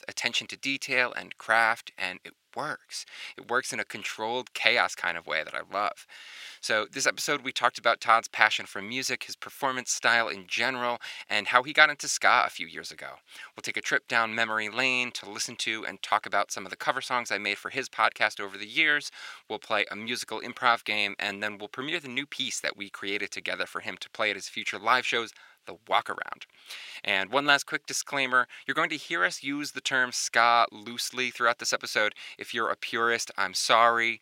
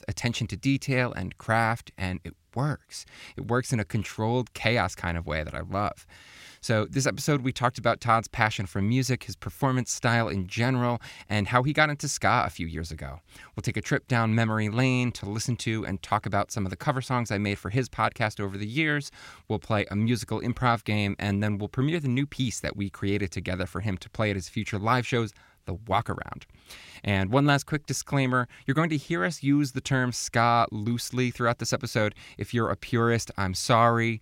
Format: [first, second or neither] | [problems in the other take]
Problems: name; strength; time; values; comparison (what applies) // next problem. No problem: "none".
second | thin; very; fading below 500 Hz